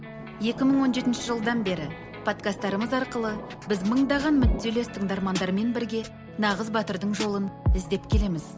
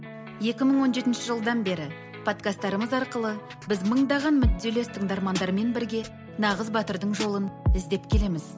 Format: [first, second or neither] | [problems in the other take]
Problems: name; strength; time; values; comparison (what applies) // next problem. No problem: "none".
second | background sound (Thunder); 16 dB below the speech